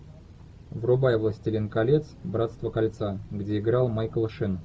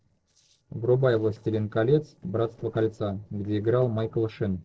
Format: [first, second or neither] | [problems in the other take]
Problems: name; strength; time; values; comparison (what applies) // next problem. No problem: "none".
first | noise reduction (neural separator model SepFormer DNS4)